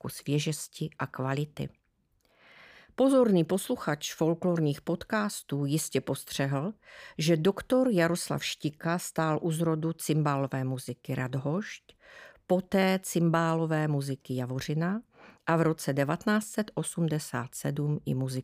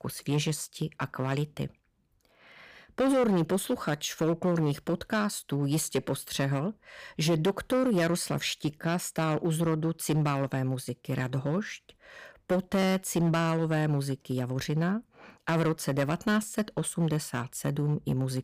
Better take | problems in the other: first | distortion; slight; 6% of the sound clipped

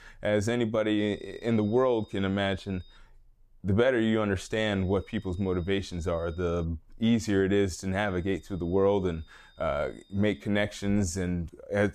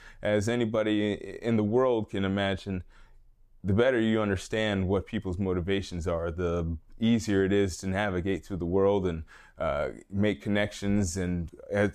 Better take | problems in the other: second | high-pitched whine; faint; from 1 to 3 s, from 4.5 to 6.5 s and from 8 to 10 s; 3.5 kHz, 30 dB below the speech

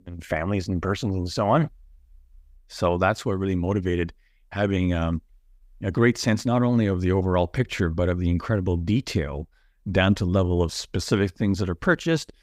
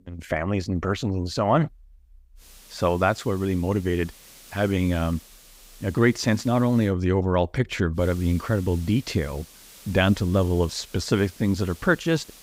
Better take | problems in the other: first | hiss; faint; from 2.5 to 7 s and from 8 s on; 20 dB below the speech

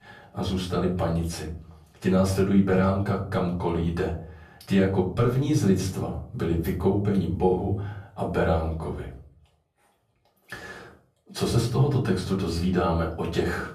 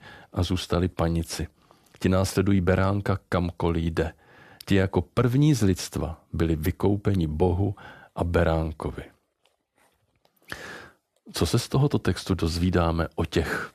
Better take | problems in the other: second | off-mic speech; far // room echo; slight; dies away in 0.4 s

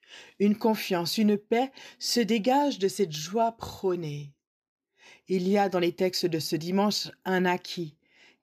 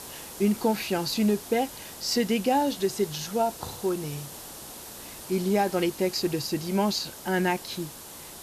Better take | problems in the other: first | hiss; noticeable; throughout; 15 dB below the speech

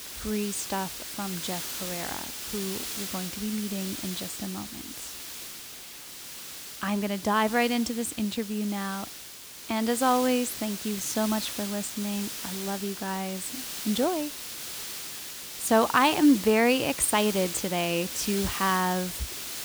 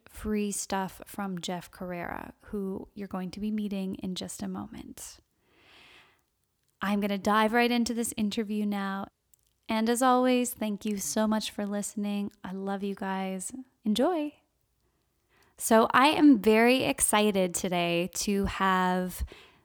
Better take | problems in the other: second | hiss; loud; throughout; 7 dB below the speech

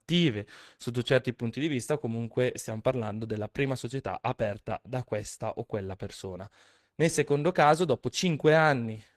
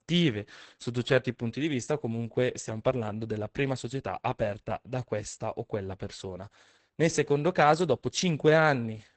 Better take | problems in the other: first | garbled, watery; badly; nothing above 8 kHz; slightly in the first

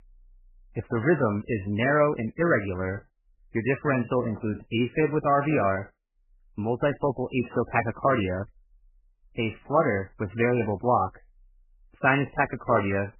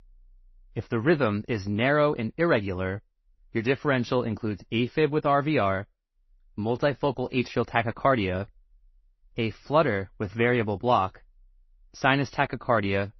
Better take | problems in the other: second | garbled, watery; badly; nothing above 3 kHz; slightly in the second

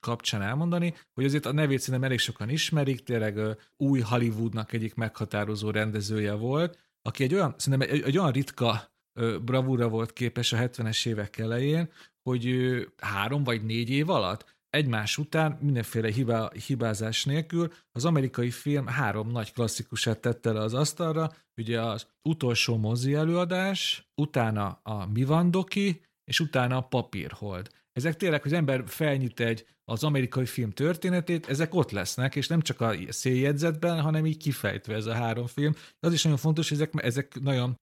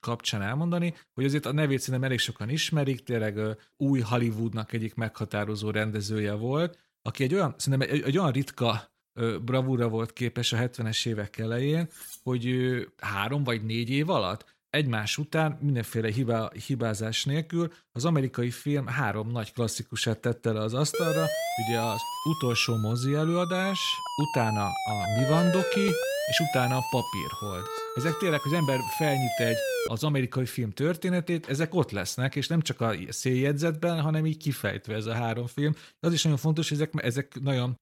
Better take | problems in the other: first | clattering dishes; faint; at 12 s; peak 15 dB below the speech // siren; loud; from 21 to 30 s; peak level with the speech

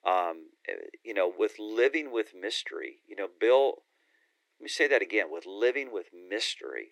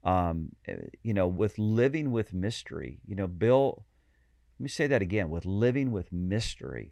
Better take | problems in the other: second | thin; very; fading below 300 Hz

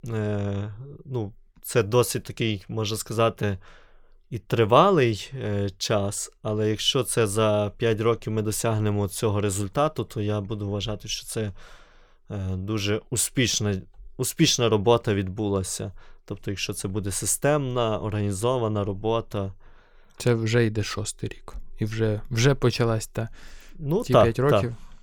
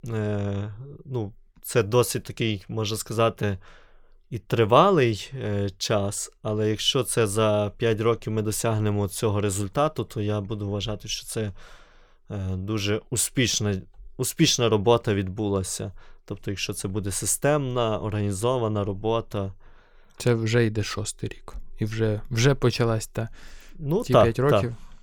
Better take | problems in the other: neither | none

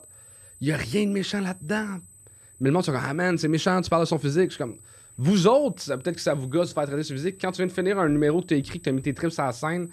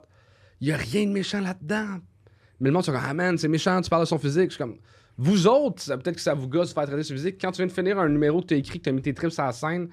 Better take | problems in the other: second | high-pitched whine; faint; throughout; 8 kHz, 25 dB below the speech

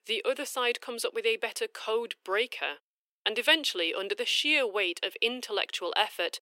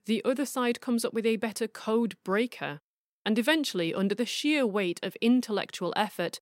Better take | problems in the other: second | thin; very; fading below 350 Hz

